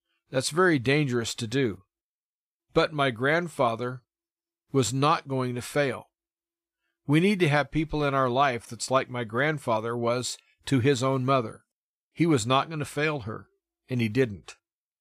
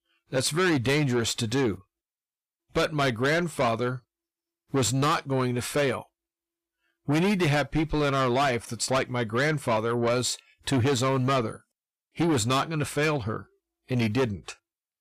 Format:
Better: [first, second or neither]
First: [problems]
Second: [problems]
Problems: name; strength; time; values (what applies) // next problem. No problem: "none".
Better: first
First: none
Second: distortion; heavy; 7 dB below the speech